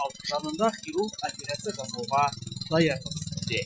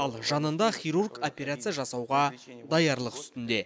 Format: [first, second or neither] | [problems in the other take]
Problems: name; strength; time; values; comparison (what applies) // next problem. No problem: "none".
second | noise reduction (classical method Wiener filter)